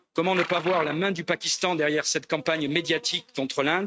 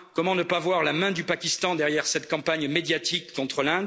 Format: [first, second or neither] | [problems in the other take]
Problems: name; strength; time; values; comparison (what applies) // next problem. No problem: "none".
second | noise reduction (neural mask model RNNoise)